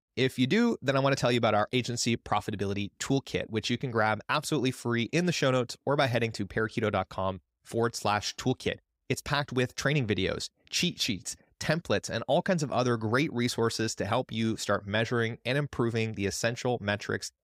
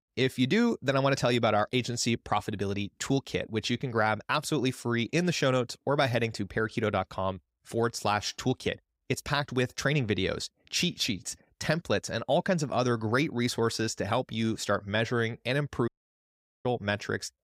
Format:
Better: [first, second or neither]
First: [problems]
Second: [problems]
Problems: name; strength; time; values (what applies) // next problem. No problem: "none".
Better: first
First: none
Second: audio cutting out; at 16 s for 1 s